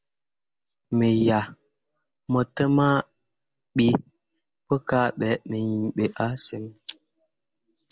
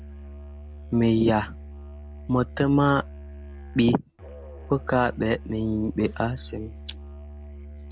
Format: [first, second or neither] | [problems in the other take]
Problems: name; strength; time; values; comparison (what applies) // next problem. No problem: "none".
first | background sound (Musical instrument); 14 dB below the speech